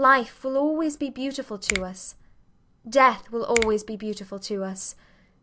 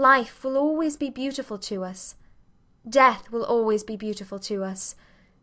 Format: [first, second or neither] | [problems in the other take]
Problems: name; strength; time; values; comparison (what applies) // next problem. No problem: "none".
second | background sound (Finger snapping); 11 dB below the speech